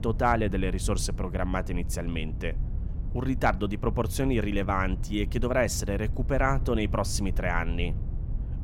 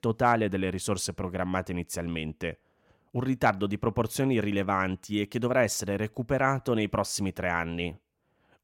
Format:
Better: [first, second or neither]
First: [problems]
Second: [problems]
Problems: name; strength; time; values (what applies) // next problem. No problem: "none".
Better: second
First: wind noise on the microphone; occasional gusts; 20 dB below the speech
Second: none